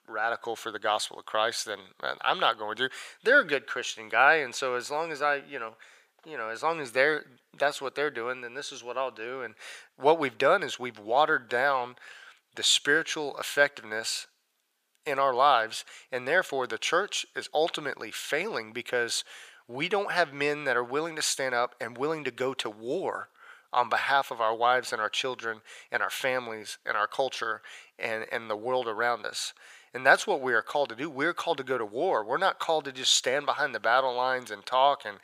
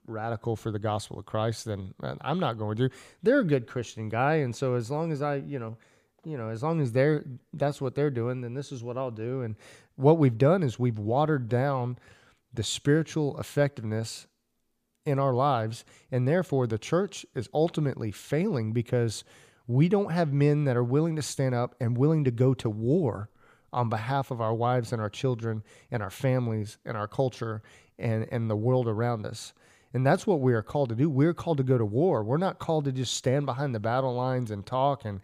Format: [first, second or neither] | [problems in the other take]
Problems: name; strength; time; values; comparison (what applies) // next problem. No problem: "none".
second | thin; very; fading below 700 Hz